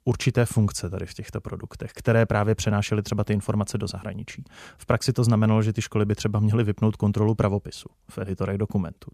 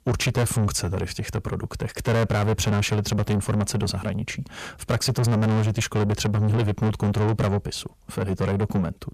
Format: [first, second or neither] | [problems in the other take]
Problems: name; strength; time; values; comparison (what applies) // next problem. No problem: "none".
first | distortion; heavy; 7 dB below the speech